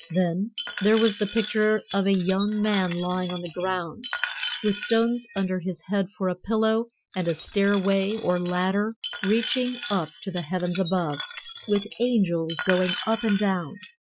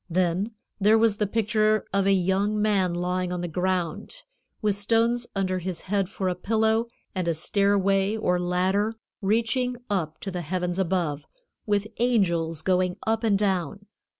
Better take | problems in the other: second | noise reduction (classical method Wiener filter)

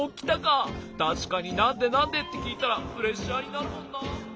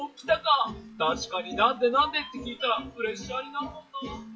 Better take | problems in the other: first | noise reduction (classical method WPE with log-MMSE)

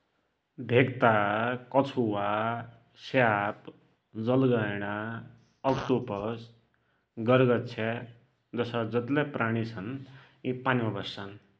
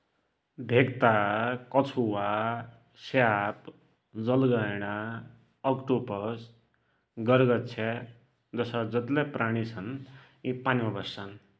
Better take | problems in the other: second | background sound (Fart); 16 dB below the speech

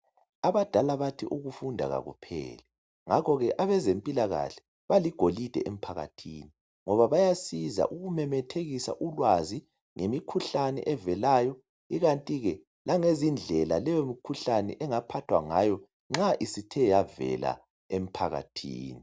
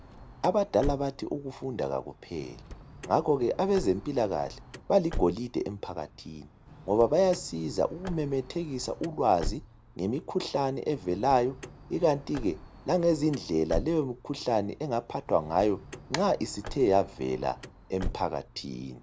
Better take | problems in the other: first | background sound (Car); 13 dB below the speech

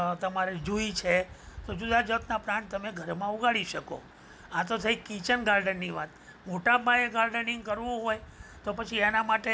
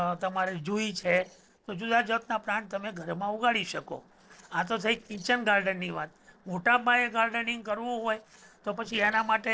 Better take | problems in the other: first | noise reduction (neural separator model SepFormer DNS4)

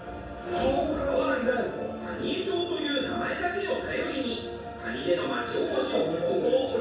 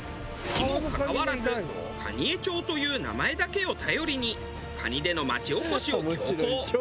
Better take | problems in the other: second | room echo; dies away in 0.7 s

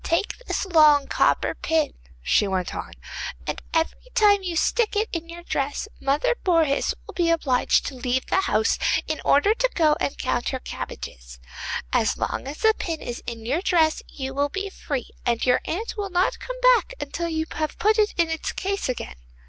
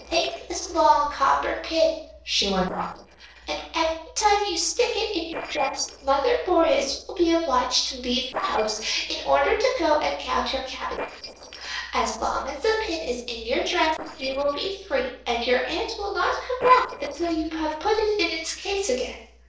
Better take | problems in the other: first | noise reduction (neural separator model SepFormer DNS4)

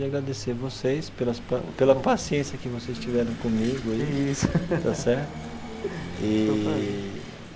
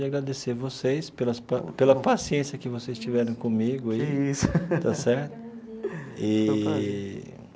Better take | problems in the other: second | background sound (Engine / Vehicle); 12 dB below the speech

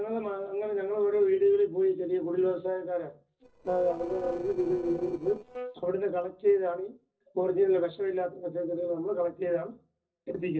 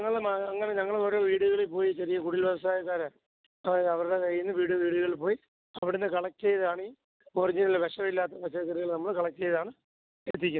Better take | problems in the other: second | noise reduction (neural separator model SepFormer DNS4)

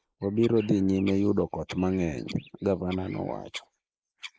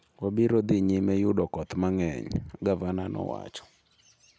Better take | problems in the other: second | noise reduction (neural mask model Resemble Enhance denoiser)

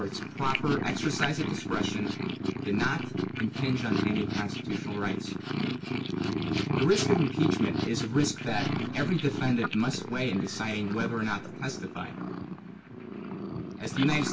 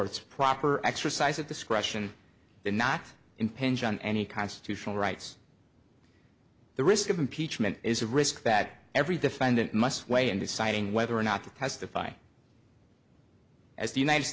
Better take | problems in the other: second | background sound (Purr); 1 dB below the speech // room echo; dies away in 0.1 s

